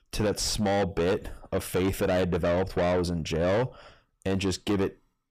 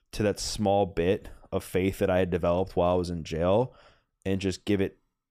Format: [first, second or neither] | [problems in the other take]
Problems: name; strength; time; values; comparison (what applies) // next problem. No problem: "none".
second | distortion; heavy; 8 dB below the speech